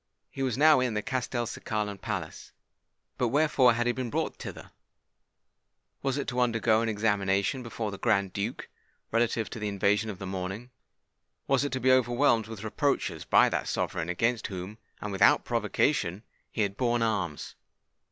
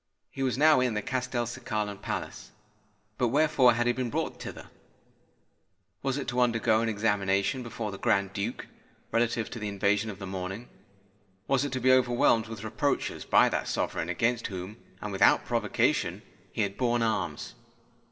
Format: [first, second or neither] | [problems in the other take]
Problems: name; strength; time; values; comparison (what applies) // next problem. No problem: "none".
first | room echo; dies away in 1.1 s